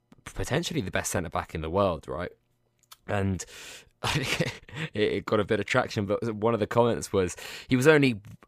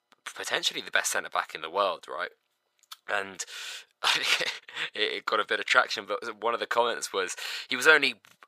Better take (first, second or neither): first